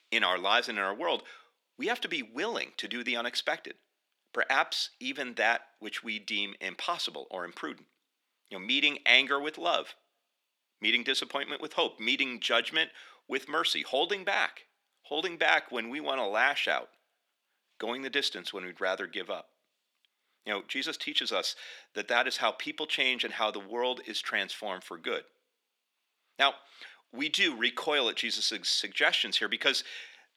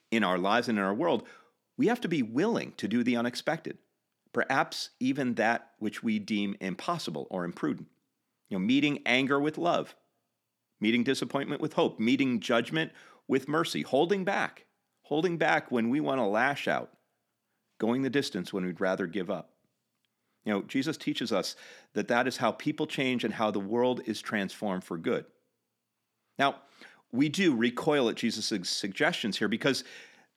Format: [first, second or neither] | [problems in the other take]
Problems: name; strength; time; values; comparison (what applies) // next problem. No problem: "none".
second | thin; somewhat; fading below 500 Hz